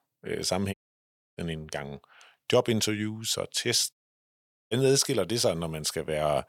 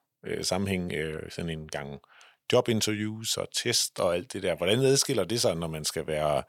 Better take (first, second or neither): second